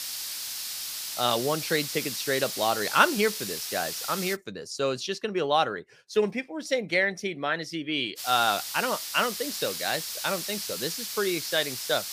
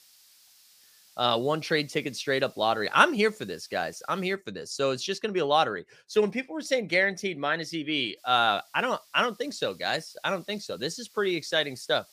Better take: second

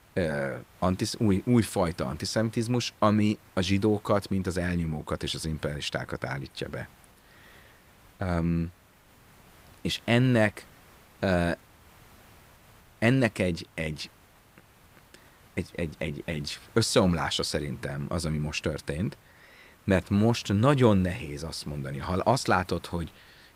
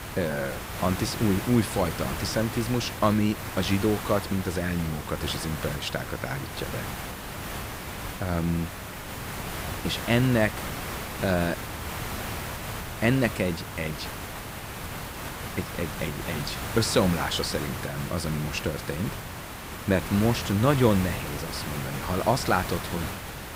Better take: first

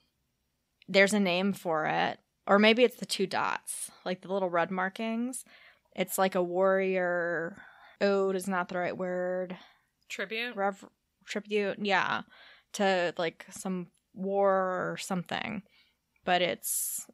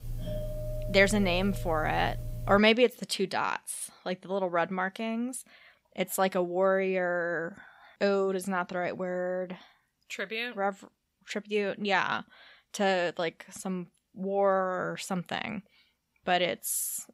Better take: first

